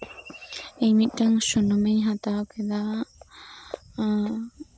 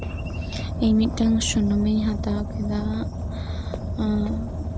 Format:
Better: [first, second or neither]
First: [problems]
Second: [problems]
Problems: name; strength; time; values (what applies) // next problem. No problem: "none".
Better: first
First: none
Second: background sound (Car); 4 dB below the speech